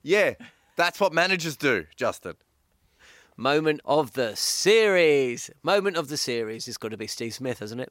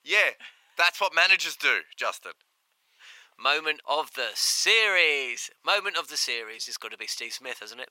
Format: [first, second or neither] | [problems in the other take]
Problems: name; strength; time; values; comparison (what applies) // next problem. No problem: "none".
first | thin; very; fading below 850 Hz